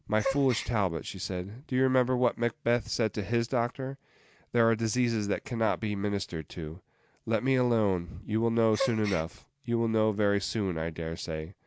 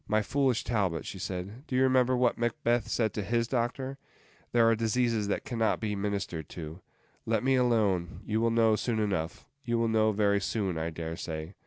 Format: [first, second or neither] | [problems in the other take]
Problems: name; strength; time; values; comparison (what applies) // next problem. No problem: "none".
second | background sound (Gasp); 12 dB below the speech